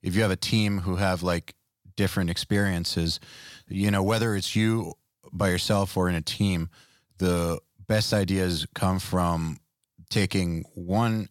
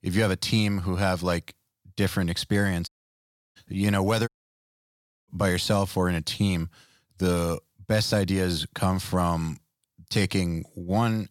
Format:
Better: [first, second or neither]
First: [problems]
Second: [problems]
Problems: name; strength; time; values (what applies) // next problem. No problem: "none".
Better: first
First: none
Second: audio cutting out; at 3 s for 0.5 s and at 4.5 s for 1 s